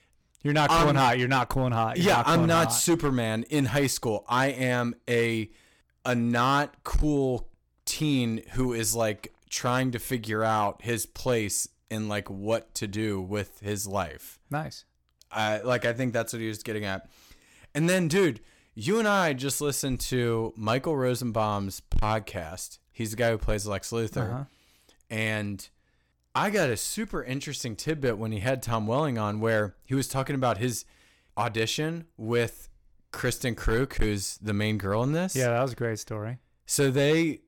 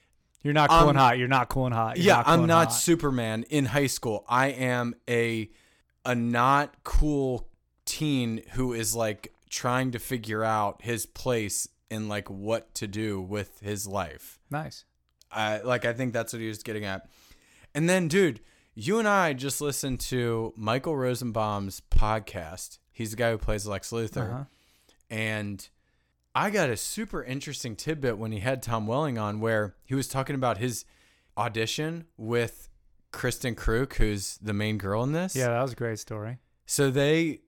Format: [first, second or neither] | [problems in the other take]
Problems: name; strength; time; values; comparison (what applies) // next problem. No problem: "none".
second | distortion; slight; 3% of the sound clipped